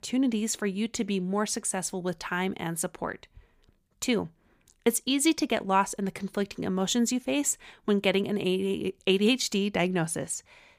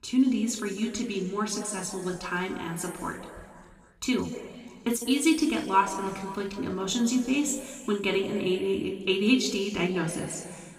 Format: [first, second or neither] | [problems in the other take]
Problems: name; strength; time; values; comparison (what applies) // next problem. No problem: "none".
first | room echo; noticeable; dies away in 2 s // off-mic speech; far